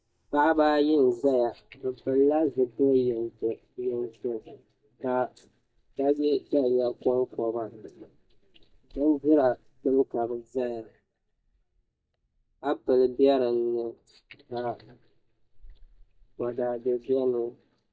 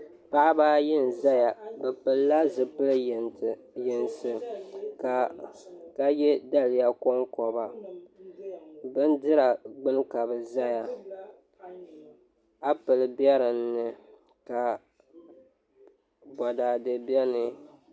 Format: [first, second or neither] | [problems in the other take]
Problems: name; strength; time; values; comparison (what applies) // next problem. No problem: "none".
second | noise reduction (neural mask model DeepFilterNet 3)